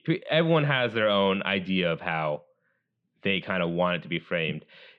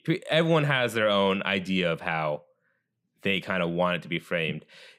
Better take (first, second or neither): second